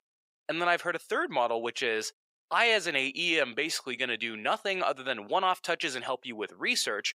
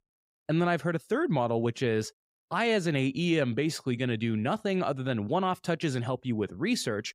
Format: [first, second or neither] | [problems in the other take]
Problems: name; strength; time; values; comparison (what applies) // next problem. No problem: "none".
second | thin; very; fading below 600 Hz